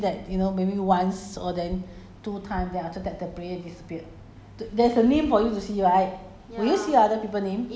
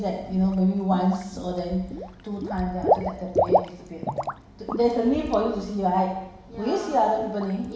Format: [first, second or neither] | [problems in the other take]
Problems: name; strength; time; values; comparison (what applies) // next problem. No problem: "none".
first | background sound (Water / Liquid); 5 dB below the speech // room echo; dies away in 0.9 s